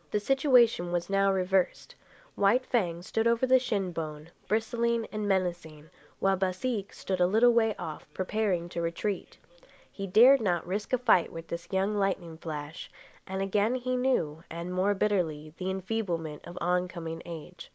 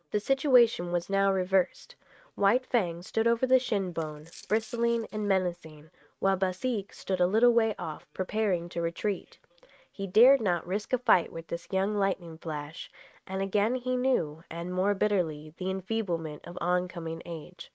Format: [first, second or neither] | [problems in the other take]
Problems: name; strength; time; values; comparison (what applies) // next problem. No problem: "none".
first | noise reduction (neural mask model RNNoise)